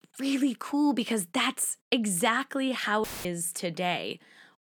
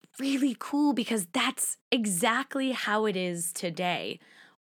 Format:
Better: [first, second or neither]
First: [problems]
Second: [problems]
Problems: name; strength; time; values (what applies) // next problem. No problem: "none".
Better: second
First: audio cutting out; filled with static; at 3 s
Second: none